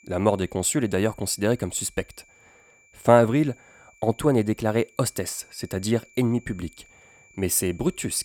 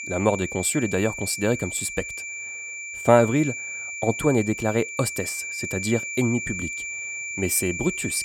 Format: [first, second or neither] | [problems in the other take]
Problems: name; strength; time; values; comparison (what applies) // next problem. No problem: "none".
first | high-pitched whine; loud; throughout; 2.5 kHz, 6 dB below the speech; faint in the first